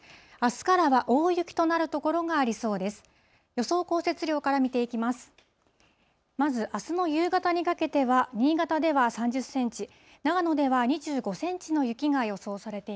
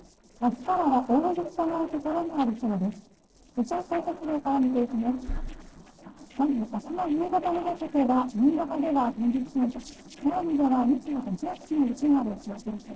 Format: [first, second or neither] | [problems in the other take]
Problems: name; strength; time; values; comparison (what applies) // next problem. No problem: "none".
first | noise reduction (neural separator model SepFormer DNS4)